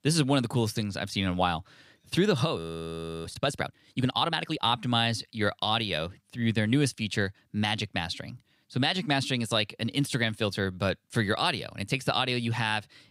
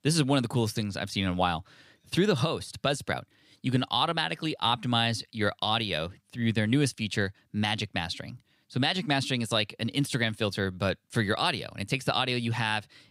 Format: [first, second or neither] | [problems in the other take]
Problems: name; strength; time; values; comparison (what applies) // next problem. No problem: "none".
second | audio freezing; at 2.5 s for 0.5 s